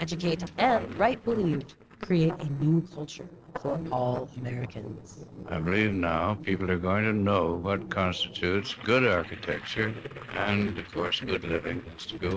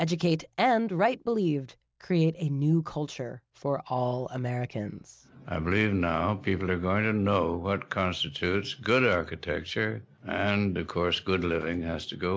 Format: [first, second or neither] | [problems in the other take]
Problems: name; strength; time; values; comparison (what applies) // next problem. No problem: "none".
second | noise reduction (neural separator model SepFormer DNS4)